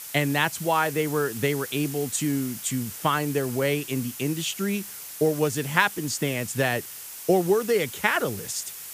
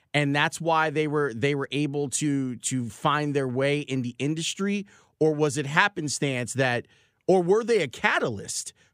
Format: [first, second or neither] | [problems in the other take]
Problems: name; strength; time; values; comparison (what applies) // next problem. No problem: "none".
second | hiss; noticeable; throughout; 10 dB below the speech